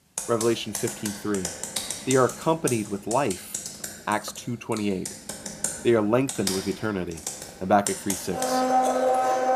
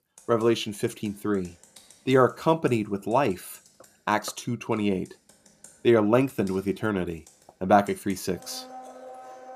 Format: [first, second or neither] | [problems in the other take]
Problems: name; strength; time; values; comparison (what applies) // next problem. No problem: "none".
second | household noises; loud; throughout; 3 dB below the speech; faint in the second